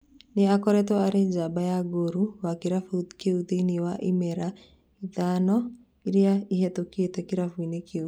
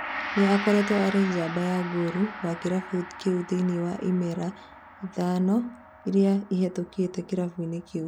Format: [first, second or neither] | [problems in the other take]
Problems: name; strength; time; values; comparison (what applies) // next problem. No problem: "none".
first | background sound (Gong); 12 dB below the speech